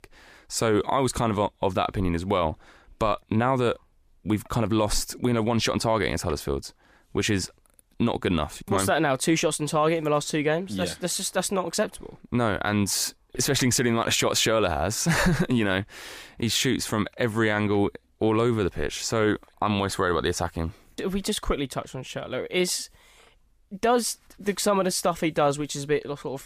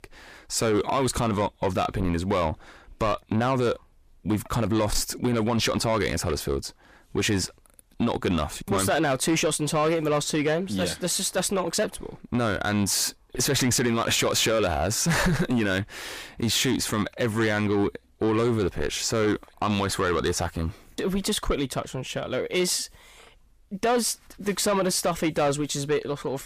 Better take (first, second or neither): first